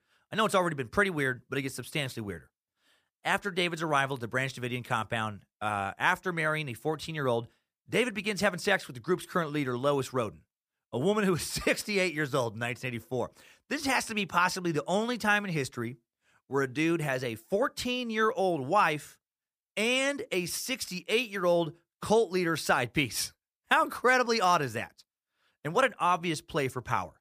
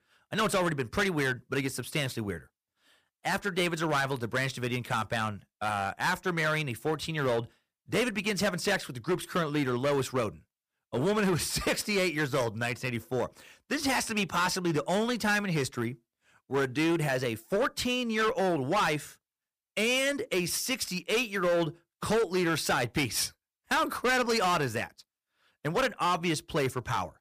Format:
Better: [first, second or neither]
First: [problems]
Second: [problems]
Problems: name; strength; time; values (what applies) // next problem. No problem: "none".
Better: first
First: none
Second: distortion; heavy; 10% of the sound clipped